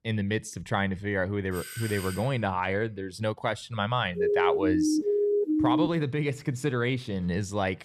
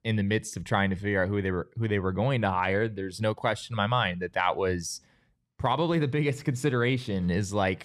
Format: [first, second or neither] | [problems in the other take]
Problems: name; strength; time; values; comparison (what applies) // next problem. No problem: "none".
second | doorbell; noticeable; at 1.5 s; peak 8 dB below the speech // siren; loud; from 4 to 6 s; peak 4 dB above the speech